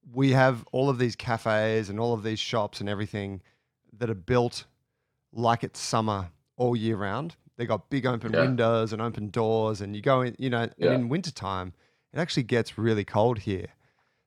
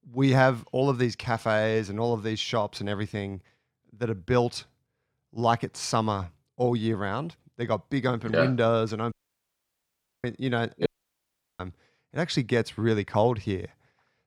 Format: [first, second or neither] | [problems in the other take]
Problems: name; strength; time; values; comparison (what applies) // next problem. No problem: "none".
first | audio cutting out; at 9 s for 1 s and at 11 s for 0.5 s